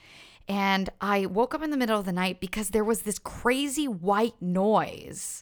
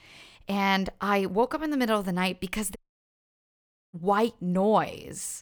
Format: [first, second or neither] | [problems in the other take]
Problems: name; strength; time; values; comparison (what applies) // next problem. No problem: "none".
first | audio cutting out; at 3 s for 1 s